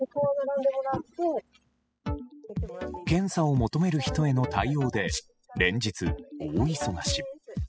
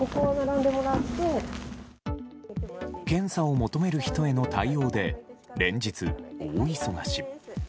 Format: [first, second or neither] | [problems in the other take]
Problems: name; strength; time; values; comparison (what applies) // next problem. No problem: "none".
second | noise reduction (classical method spectral subtraction)